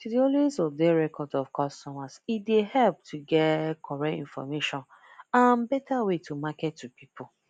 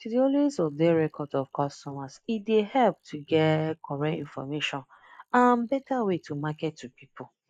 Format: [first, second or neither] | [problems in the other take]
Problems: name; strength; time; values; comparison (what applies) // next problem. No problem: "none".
first | noise reduction (neural mask model Resemble Enhance denoiser)